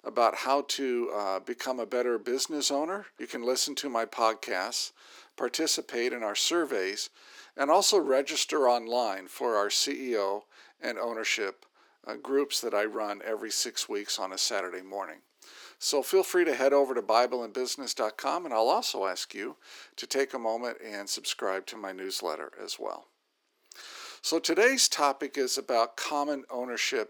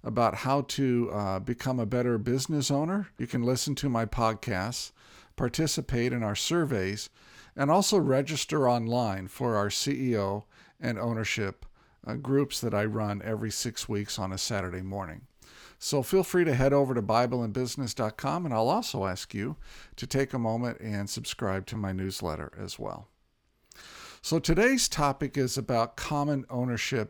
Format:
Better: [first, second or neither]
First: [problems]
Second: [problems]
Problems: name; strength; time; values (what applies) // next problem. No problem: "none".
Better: second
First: thin; somewhat; fading below 300 Hz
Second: none